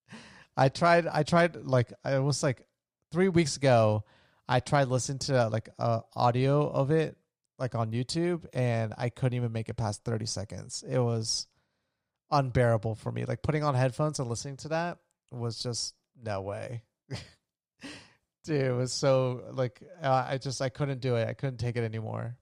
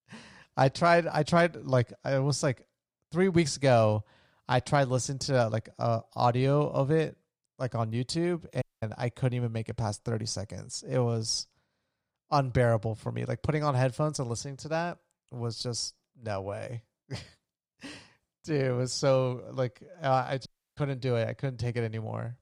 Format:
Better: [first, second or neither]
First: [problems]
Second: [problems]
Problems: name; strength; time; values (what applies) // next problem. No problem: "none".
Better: first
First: none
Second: audio cutting out; at 8.5 s and at 20 s